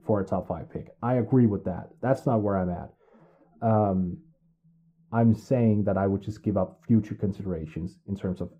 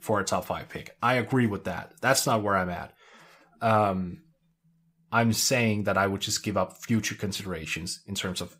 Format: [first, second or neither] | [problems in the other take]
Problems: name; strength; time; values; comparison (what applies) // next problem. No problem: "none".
second | muffled; very; fading above 1.5 kHz